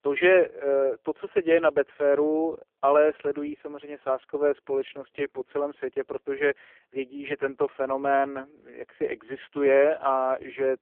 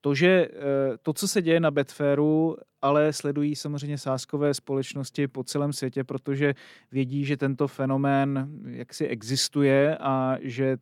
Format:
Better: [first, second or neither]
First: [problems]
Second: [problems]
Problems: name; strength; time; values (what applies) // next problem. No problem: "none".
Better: second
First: phone-call audio; poor line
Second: none